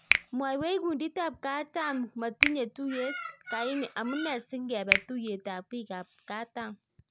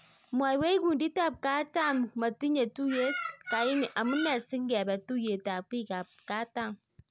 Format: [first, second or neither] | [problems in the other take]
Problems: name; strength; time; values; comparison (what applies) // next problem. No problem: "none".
second | background sound (Finger snapping); 2 dB below the speech